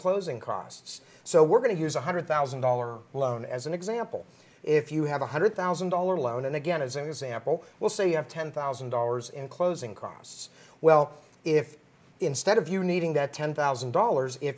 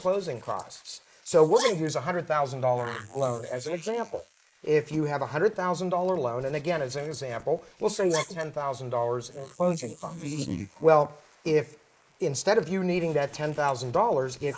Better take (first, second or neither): first